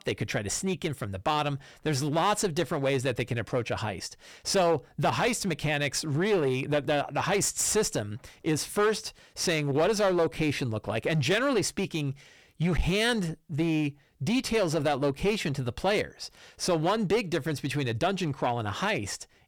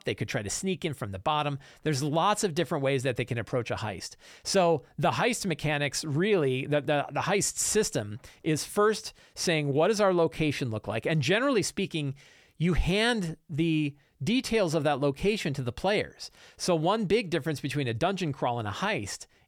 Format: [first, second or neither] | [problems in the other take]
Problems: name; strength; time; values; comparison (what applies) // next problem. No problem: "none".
second | distortion; slight; 7% of the sound clipped